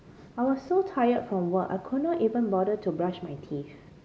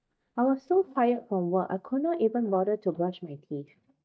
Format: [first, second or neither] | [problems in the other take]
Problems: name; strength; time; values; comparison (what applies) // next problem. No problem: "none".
first | noise reduction (neural mask model DeepFilterNet 3)